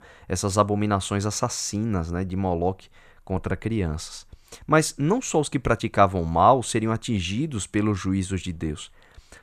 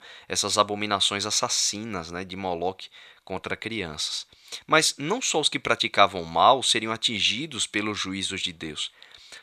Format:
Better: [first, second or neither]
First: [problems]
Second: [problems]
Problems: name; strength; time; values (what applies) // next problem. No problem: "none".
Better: first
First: none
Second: thin; somewhat; fading below 600 Hz